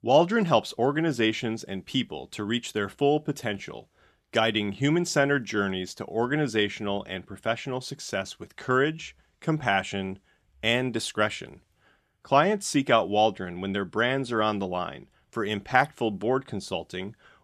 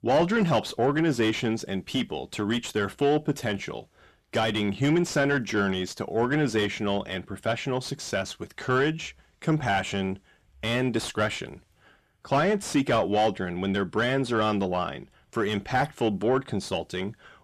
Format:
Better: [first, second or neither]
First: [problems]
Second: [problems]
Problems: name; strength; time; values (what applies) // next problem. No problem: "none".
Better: first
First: none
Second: distortion; heavy; 8 dB below the speech